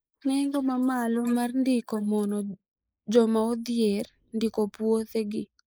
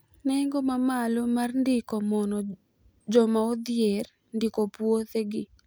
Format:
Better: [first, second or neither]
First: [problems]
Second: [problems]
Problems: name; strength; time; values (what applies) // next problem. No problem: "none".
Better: second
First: noise reduction (neural mask model Resemble Enhance denoiser)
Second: none